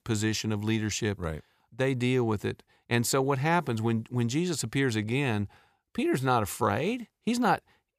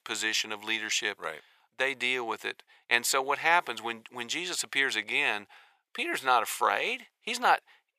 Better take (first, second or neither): first